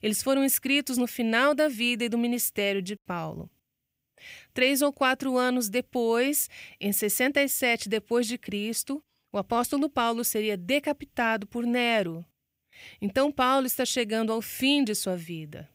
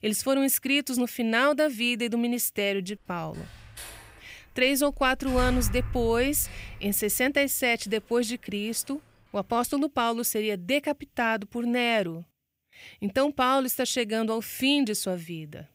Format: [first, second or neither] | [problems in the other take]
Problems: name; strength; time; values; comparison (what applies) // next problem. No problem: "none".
first | door banging; noticeable; from 4 to 7 s; peak 5 dB below the speech